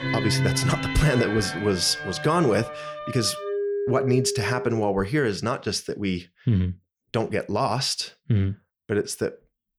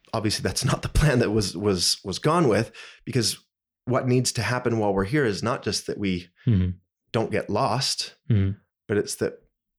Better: second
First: background music; loud; until 5 s; 5 dB below the speech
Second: none

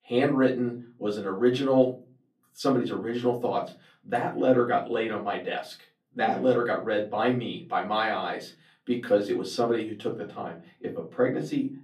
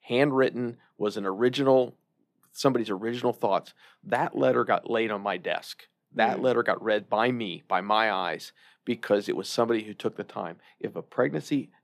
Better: second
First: off-mic speech; far // room echo; very slight; dies away in 0.3 s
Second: none

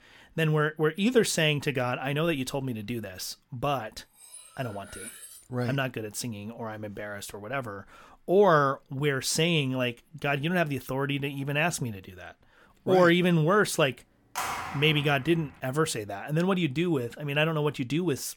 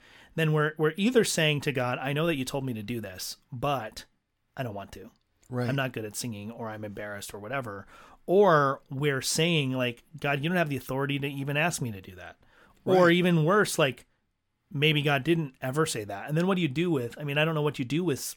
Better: second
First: clattering dishes; faint; from 4 to 5.5 s; peak 15 dB below the speech // phone ringing; noticeable; from 14 to 15 s; peak 5 dB below the speech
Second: none

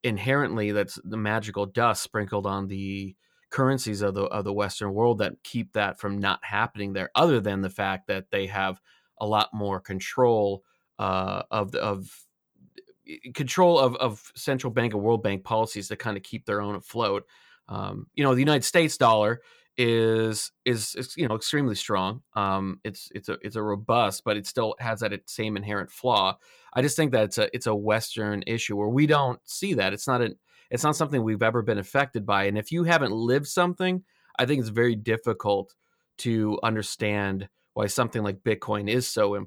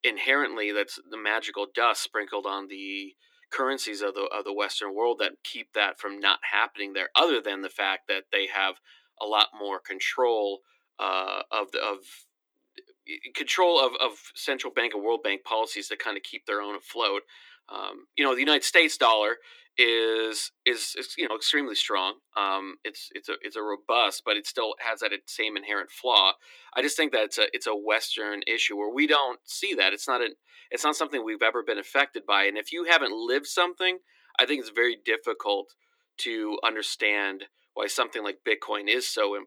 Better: first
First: none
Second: thin; somewhat; fading below 300 Hz

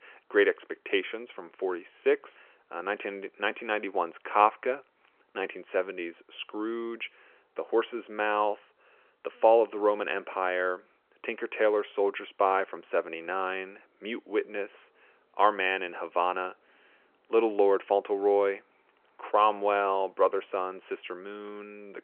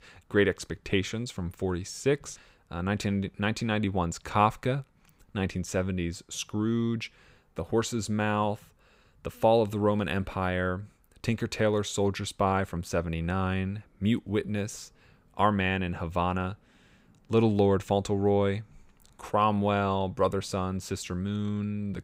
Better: second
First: phone-call audio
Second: none

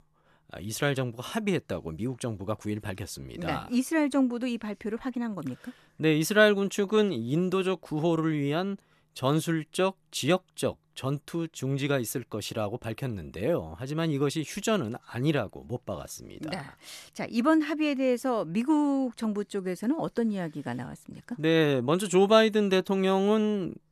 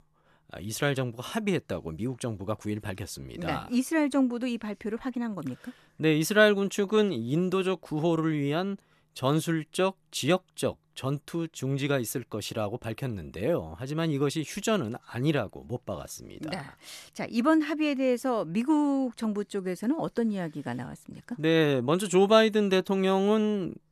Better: neither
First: none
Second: none

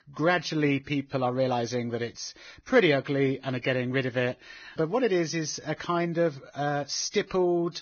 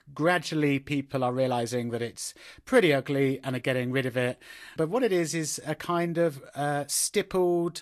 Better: second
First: garbled, watery; badly; nothing above 6.5 kHz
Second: garbled, watery; slightly; nothing above 12.5 kHz

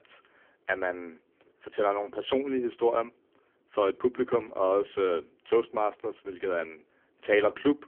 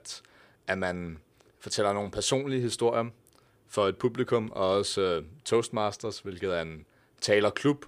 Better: second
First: phone-call audio; poor line; nothing above 3.5 kHz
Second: none

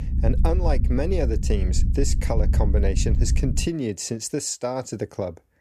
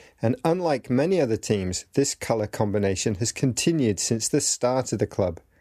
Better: second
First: low rumble; noticeable; until 3.5 s; 10 dB below the speech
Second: none

